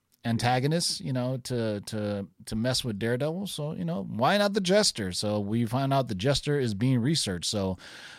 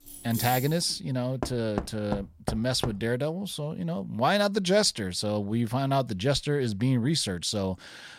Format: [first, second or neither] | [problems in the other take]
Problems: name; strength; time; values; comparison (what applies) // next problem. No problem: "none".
first | jangling keys; noticeable; at the start; peak 6 dB below the speech // door banging; noticeable; from 1.5 to 3 s; peak 6 dB below the speech